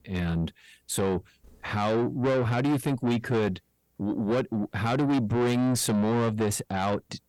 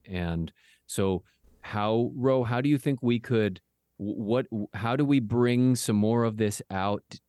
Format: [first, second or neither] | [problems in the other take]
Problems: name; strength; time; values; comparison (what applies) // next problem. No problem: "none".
second | distortion; heavy; 7 dB below the speech